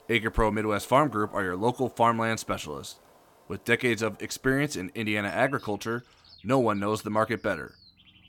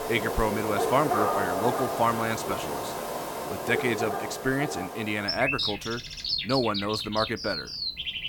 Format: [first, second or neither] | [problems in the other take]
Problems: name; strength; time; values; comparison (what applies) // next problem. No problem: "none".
first | animal sounds; loud; throughout; 1 dB below the speech; faint in the first